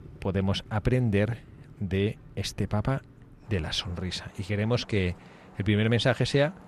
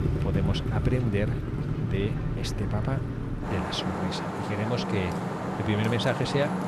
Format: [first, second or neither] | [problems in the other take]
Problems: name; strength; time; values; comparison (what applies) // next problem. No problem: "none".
first | traffic noise; loud; throughout; as loud as the speech; faint in the first